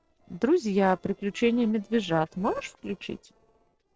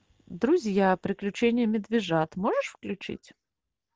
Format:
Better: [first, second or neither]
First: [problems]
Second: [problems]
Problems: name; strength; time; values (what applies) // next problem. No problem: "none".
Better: second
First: noise reduction (neural separator model SepFormer DNS4)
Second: none